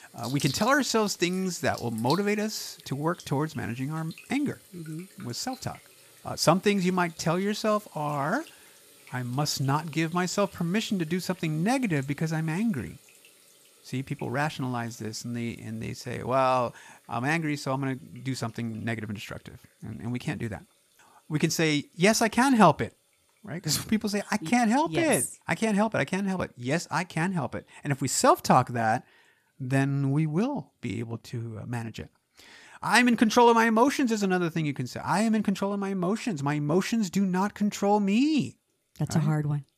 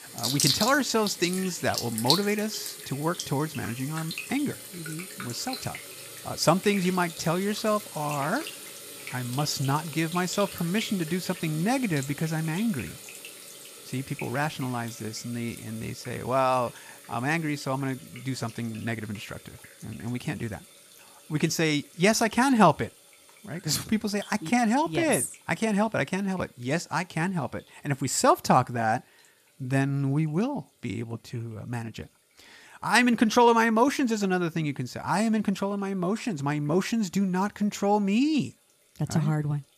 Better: first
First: household noises; faint; throughout; 20 dB below the speech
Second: household noises; loud; throughout; 8 dB below the speech

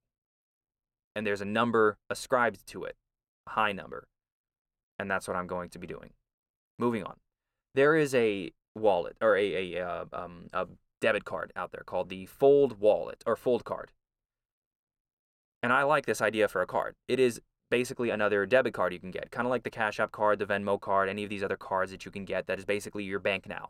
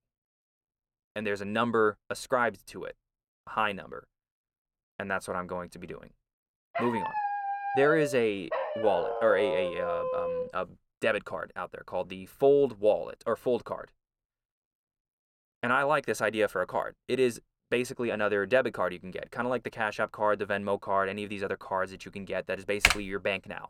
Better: first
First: none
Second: dog barking; noticeable; from 7 to 10 s; peak 1 dB below the speech // keyboard typing; loud; at 23 s; peak 5 dB above the speech

